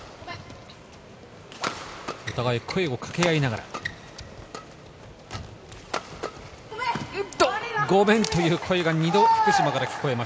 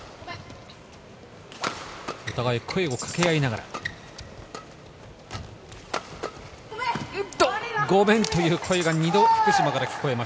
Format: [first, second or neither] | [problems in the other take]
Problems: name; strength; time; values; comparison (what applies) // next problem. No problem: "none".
first | background sound (Tambourine); 17 dB below the speech